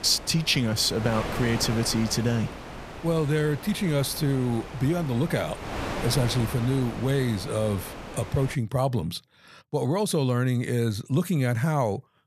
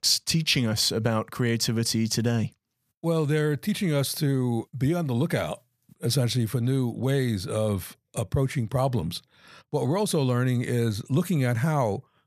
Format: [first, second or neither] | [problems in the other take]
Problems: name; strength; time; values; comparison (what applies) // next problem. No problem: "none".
second | wind noise on the microphone; heavy; until 8.5 s; 8 dB below the speech